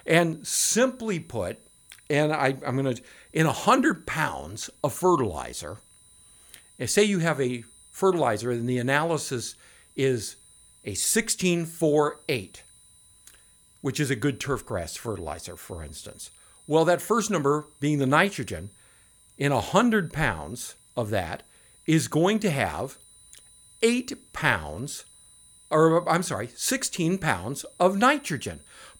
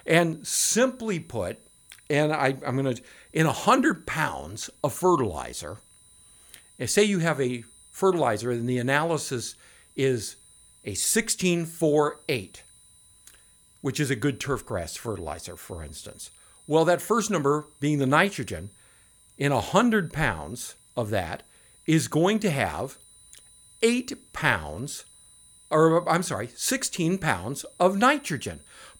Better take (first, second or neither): neither